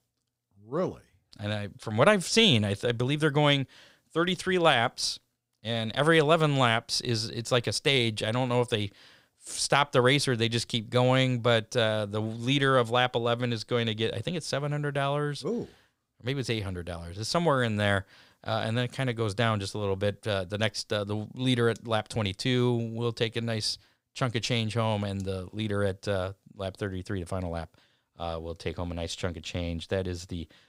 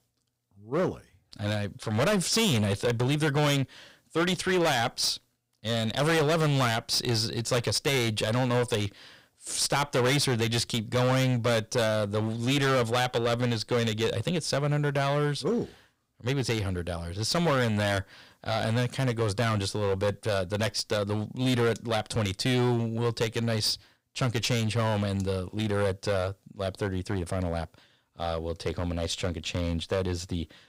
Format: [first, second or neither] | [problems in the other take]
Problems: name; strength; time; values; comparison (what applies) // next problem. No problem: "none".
first | distortion; heavy; 12% of the sound clipped